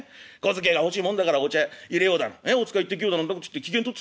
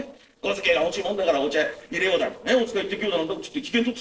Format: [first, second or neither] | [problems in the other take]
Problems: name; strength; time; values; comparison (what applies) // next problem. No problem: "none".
first | noise reduction (neural separator model SepFormer DNS4)